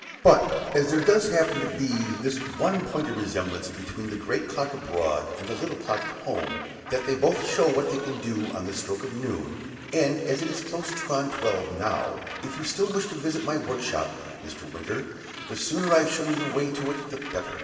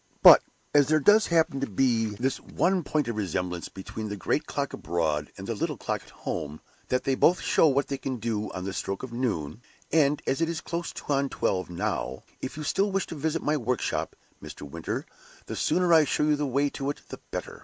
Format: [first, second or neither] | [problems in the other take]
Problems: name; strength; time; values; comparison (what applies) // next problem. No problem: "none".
second | background sound (Gull, seagull); 13 dB below the speech // room echo; dies away in 2.7 s